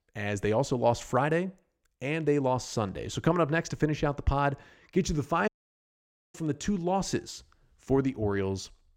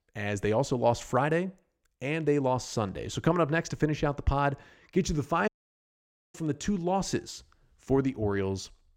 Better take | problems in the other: neither | audio cutting out; at 5.5 s for 1 s; the same in both

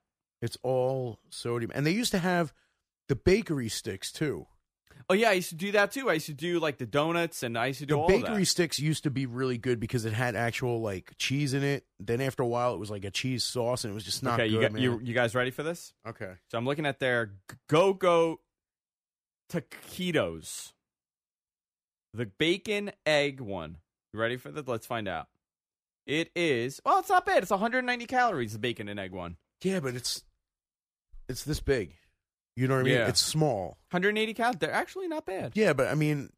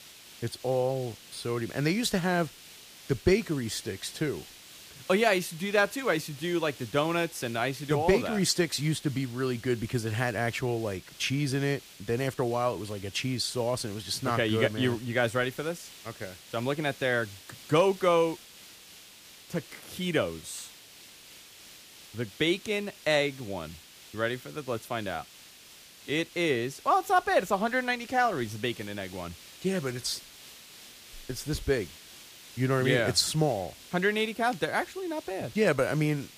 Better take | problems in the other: first | hiss; noticeable; throughout; 20 dB below the speech

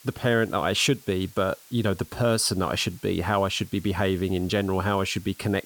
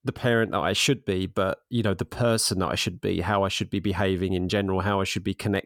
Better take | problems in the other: second | hiss; faint; throughout; 25 dB below the speech

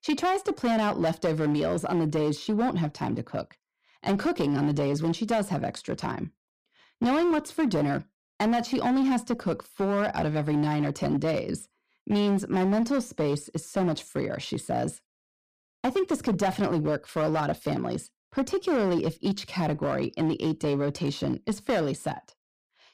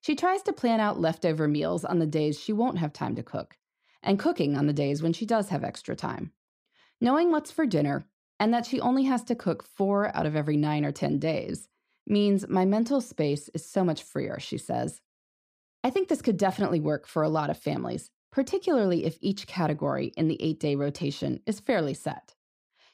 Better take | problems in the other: second | distortion; slight; 10% of the sound clipped

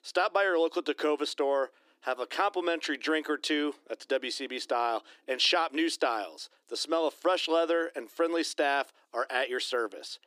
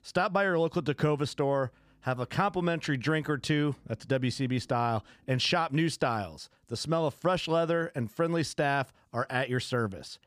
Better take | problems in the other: second | thin; somewhat; fading below 300 Hz

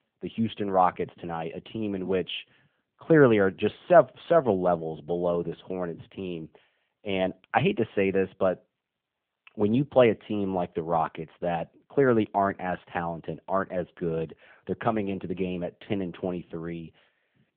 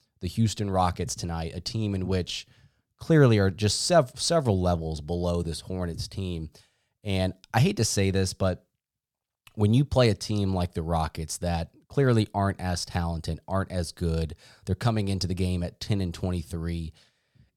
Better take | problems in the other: second | phone-call audio

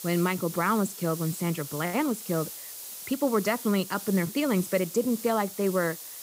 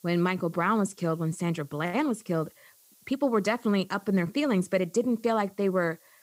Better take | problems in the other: second | hiss; loud; throughout; 10 dB below the speech; faint in the second

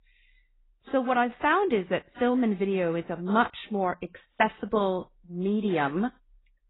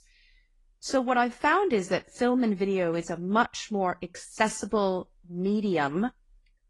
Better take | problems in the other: second | garbled, watery; badly; nothing above 4 kHz; slightly in the second

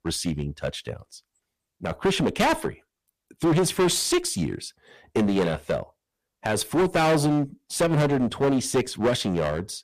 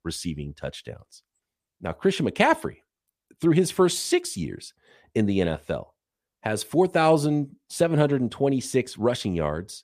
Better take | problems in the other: second | distortion; heavy; 11% of the sound clipped

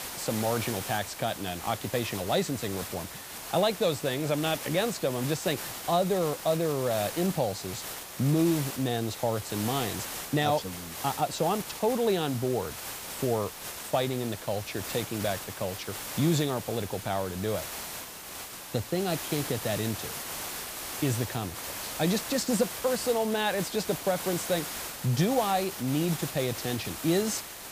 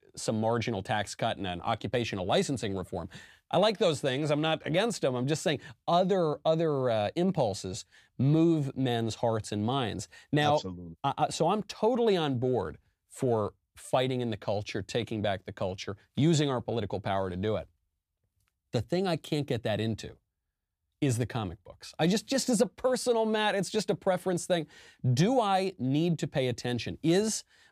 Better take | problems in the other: second | hiss; loud; throughout; 7 dB below the speech

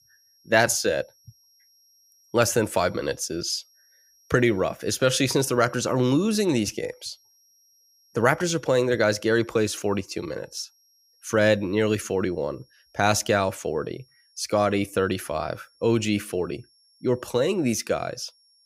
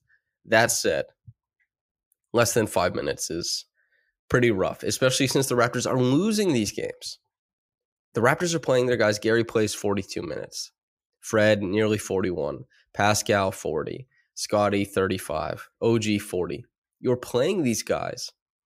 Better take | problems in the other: second | high-pitched whine; faint; throughout; 5.5 kHz, 35 dB below the speech

